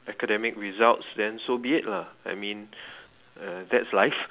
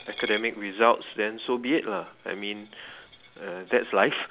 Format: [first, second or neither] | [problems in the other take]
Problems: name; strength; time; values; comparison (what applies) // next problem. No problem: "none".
first | background sound (Coin (dropping)); 18 dB below the speech